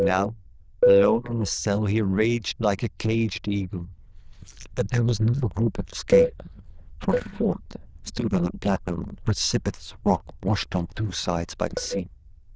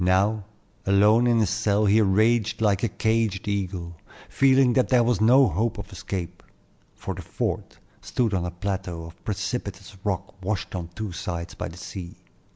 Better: second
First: noise reduction (neural diffusion model UNIVERSE++)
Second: none

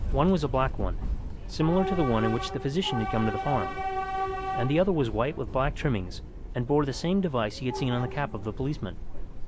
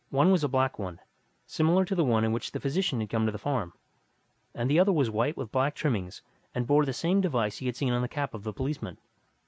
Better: second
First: background sound (Subway, metro, underground / Train); 4 dB below the speech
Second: none

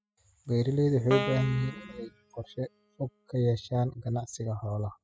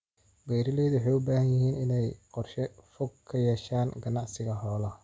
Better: second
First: noise reduction (classical method spectral subtraction)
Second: none

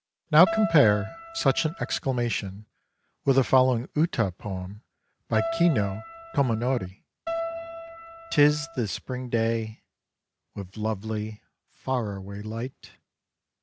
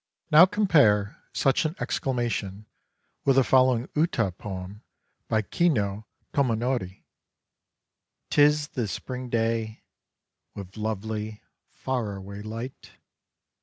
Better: second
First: background sound (Keyboard (musical)); 8 dB below the speech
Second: none

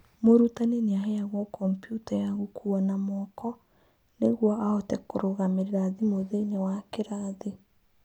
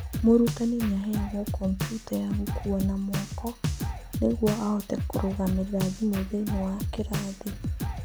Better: first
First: none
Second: background sound (Drum kit); 4 dB below the speech

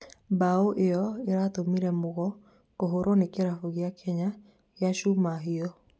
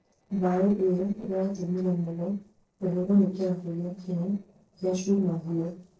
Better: first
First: none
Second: noise reduction (neural separator model SepFormer DNS4)

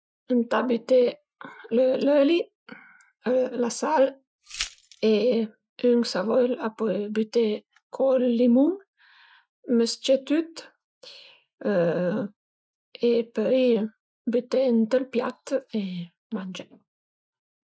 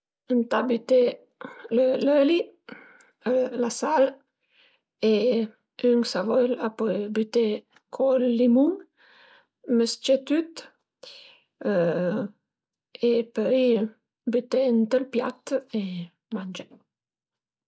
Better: second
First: noise reduction (classical method Wiener filter)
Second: none

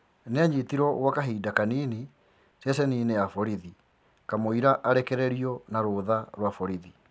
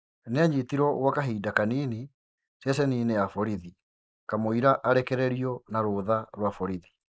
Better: first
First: none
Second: noise reduction (neural mask model Resemble Enhance denoiser)

